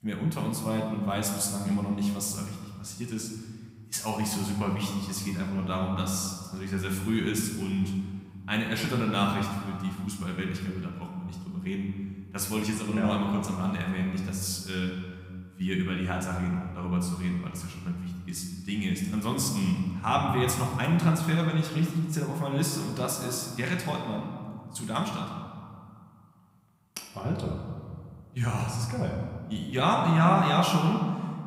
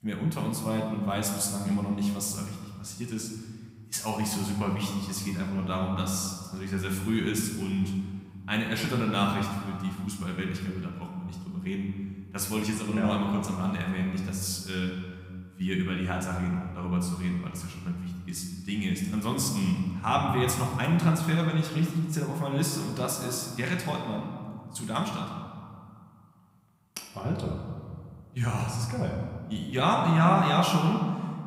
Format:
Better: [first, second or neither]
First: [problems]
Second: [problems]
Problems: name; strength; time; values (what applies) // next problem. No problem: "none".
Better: neither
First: room echo; noticeable; dies away in 1.7 s // off-mic speech; somewhat distant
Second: room echo; noticeable; dies away in 1.7 s // off-mic speech; somewhat distant